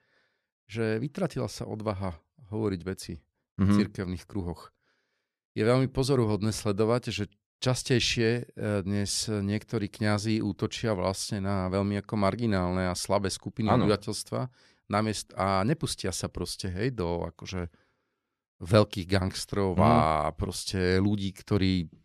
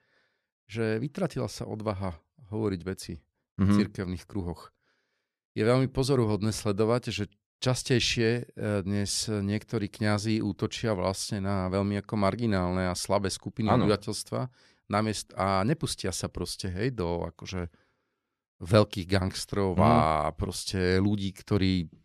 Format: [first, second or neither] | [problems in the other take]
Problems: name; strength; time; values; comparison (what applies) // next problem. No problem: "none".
neither | none